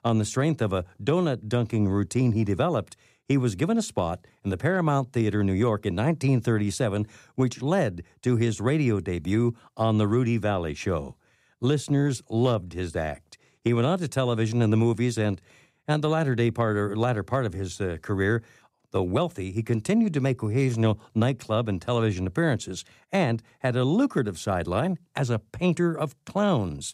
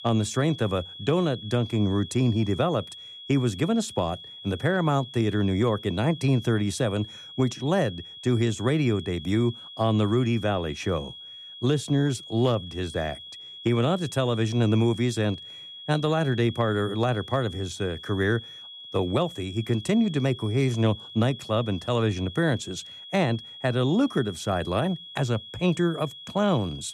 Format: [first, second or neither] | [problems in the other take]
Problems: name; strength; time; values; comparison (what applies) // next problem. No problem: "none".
first | high-pitched whine; noticeable; throughout; 3.5 kHz, 15 dB below the speech